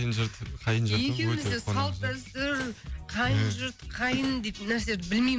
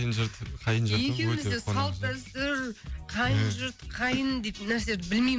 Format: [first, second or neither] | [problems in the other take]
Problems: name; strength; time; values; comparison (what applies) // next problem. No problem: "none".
second | background sound (Slam); 19 dB below the speech